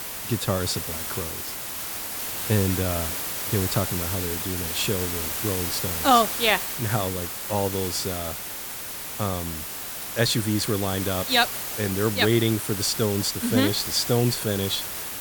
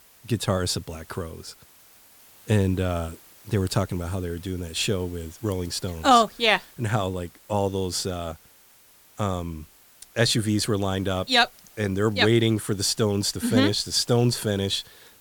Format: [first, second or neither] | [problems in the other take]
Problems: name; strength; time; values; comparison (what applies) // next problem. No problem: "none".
second | hiss; loud; throughout; 3 dB below the speech; faint in the second